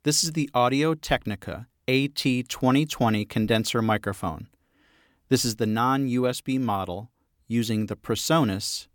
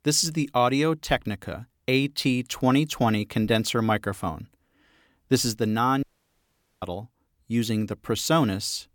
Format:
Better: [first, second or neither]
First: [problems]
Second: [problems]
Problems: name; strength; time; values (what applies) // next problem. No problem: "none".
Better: first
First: none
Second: audio cutting out; at 6 s for 1 s